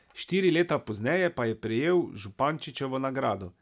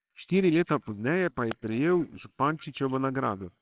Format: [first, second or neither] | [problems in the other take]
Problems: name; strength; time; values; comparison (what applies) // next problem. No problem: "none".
first | noise reduction (neural separator model SepFormer WHAMR!)